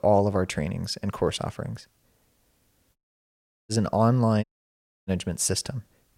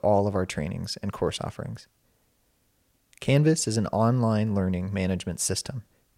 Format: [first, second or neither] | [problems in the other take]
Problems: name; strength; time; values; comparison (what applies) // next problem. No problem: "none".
second | audio cutting out; at 3 s for 0.5 s and at 4.5 s for 0.5 s